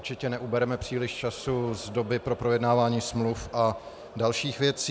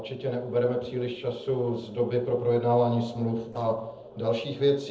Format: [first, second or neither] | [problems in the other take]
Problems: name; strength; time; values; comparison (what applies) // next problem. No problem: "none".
first | noise reduction (neural separator model SepFormer DNS4)